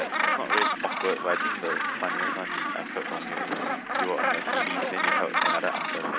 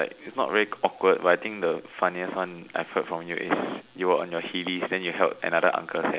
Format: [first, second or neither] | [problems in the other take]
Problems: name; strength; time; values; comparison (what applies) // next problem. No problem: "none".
second | background sound (Gull, seagull); 5 dB above the speech